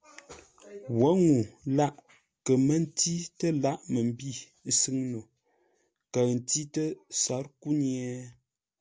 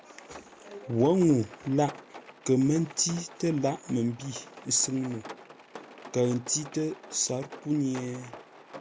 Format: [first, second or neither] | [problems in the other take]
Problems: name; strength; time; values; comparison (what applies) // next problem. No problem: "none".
first | background sound (Rain); 17 dB below the speech